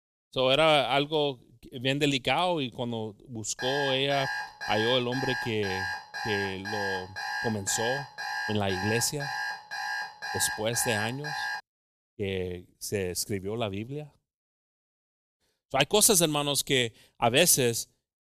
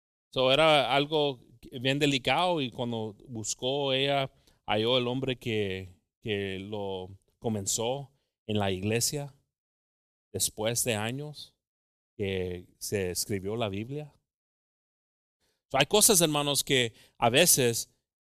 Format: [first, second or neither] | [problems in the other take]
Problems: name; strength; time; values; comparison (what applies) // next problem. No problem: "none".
second | alarm; noticeable; from 3.5 to 12 s; peak 5 dB below the speech